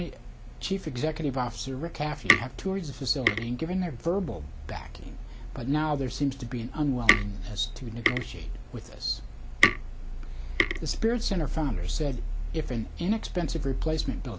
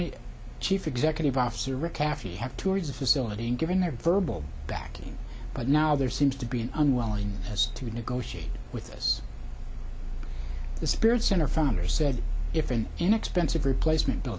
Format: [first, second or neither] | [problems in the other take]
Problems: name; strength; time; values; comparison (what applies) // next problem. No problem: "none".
second | background sound (Tick); 1 dB below the speech